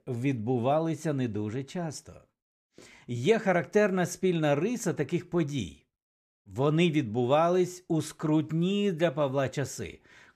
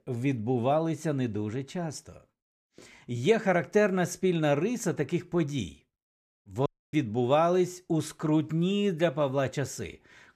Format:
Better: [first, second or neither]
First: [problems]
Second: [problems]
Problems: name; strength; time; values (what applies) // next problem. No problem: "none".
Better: first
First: none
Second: audio cutting out; at 6.5 s